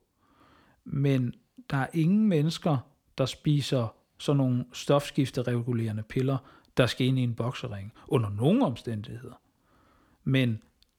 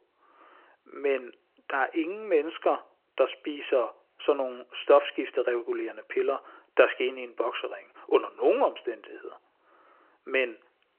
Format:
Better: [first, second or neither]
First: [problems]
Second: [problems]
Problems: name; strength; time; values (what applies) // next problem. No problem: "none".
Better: first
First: none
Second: phone-call audio